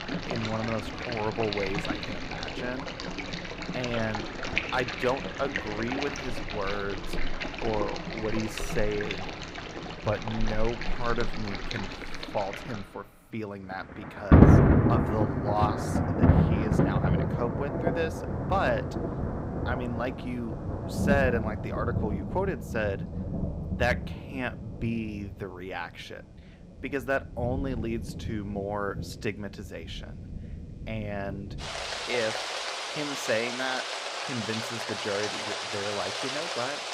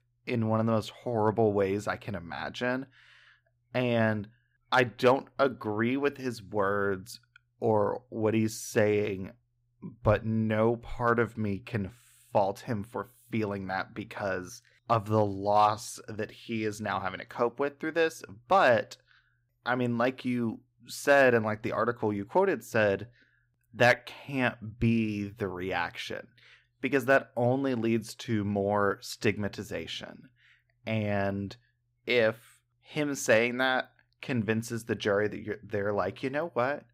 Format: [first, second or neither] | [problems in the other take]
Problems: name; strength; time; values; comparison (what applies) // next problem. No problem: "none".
second | rain or running water; very loud; throughout; 4 dB above the speech